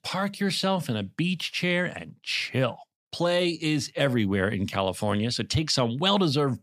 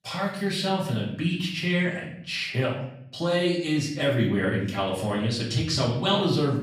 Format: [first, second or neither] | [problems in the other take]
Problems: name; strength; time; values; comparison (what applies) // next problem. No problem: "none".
first | off-mic speech; far // room echo; noticeable; dies away in 0.6 s